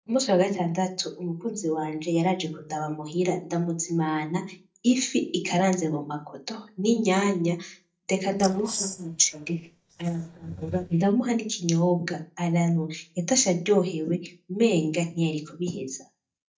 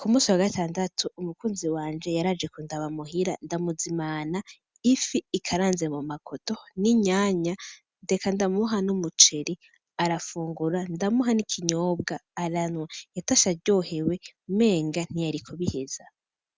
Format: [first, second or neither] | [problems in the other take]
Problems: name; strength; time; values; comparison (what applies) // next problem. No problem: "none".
second | noise reduction (neural mask model DeepFilterNet 3)